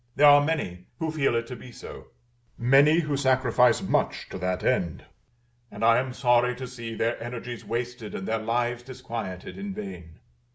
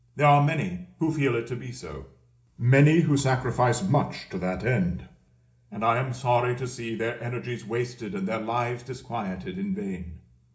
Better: first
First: none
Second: room echo; dies away in 0.4 s

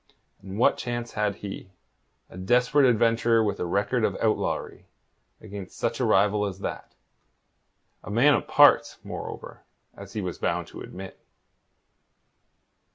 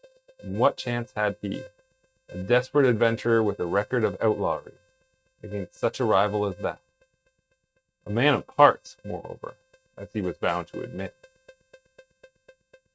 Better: first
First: none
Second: noise reduction (neural mask model RNNoise)

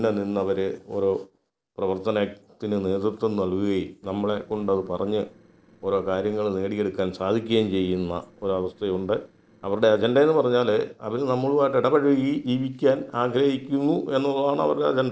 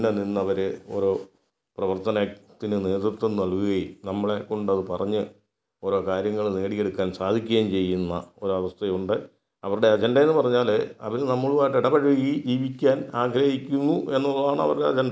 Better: second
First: noise reduction (neural separator model SepFormer DNS4)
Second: none

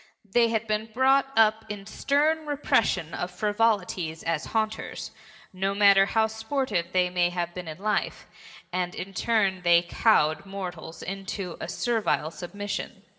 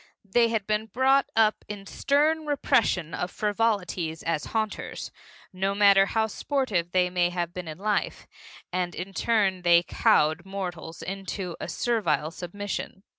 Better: second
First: room echo; dies away in 1.1 s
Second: none

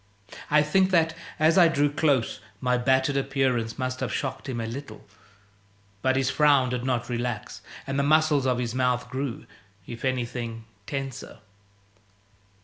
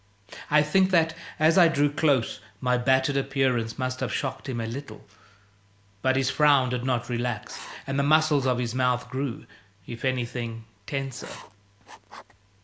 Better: first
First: none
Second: background sound (Writing); 19 dB below the speech

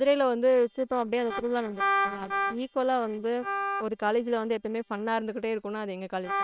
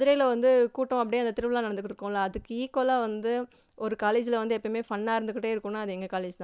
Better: second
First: noise reduction (neural separator model SepFormer WHAM!)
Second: none

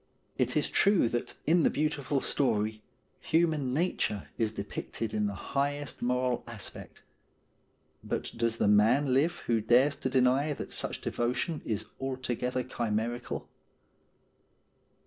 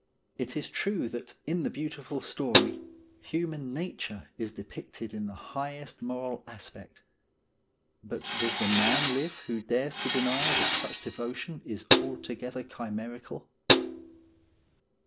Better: first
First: none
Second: background sound (Hi-hat + Tools); 5 dB above the speech

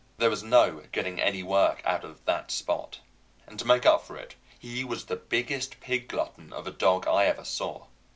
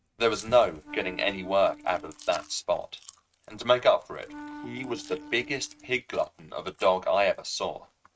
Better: first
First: none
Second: noise reduction (neural mask model RNNoise)

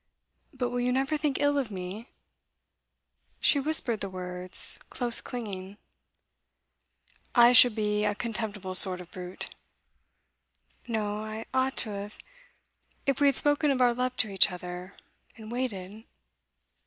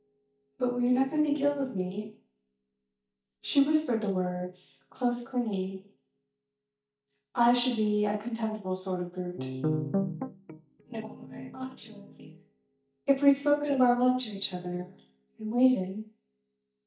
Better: first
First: none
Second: noise reduction (neural mask model DeepFilterNet 3)

